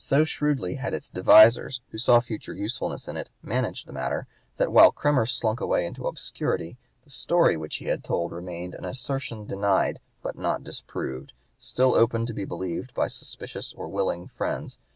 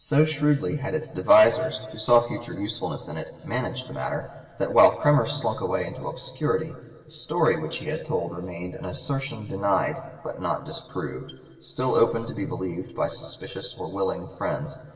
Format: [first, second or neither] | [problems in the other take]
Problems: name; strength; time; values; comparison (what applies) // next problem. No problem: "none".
first | room echo; dies away in 2 s